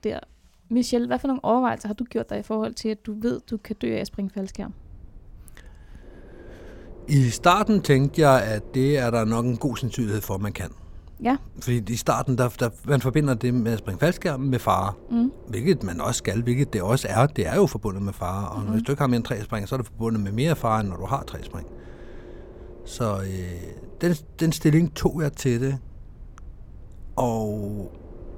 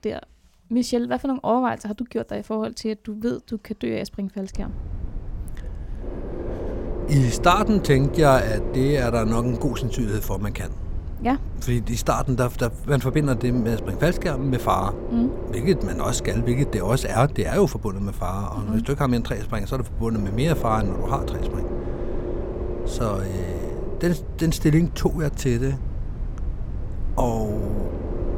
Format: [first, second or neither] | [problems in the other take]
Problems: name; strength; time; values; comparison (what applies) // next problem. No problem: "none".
first | low rumble; loud; from 4.5 s on; 10 dB below the speech; faint in the first